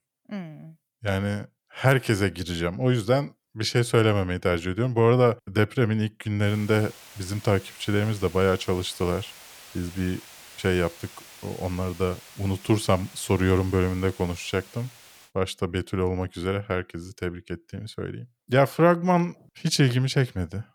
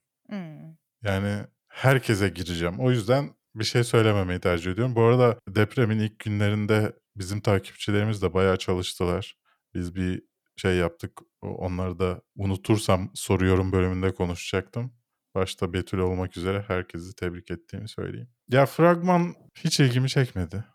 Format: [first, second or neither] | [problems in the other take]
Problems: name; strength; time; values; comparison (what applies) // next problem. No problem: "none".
second | hiss; noticeable; from 6.5 to 15 s; 20 dB below the speech